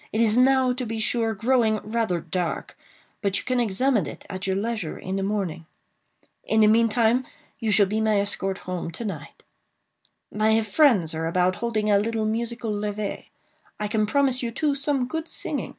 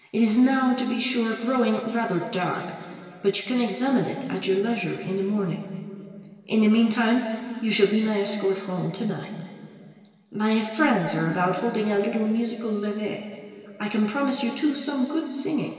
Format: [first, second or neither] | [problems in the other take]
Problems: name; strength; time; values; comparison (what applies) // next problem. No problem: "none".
first | room echo; dies away in 2.5 s